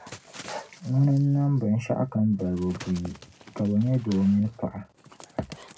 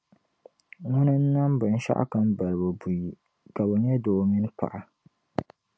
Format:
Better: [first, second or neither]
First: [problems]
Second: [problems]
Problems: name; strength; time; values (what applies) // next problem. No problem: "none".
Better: second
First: background sound (Dog); 19 dB below the speech // room echo; dies away in 0.4 s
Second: none